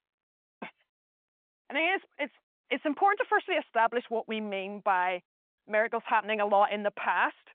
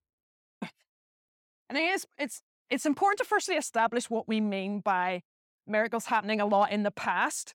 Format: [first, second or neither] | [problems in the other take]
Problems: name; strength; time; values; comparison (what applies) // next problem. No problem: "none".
second | phone-call audio